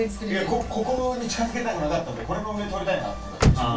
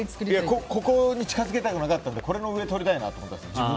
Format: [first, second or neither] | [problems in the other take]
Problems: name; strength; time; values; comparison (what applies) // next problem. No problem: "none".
second | background sound (Slam / Car); 3 dB below the speech // room echo; dies away in 0.2 s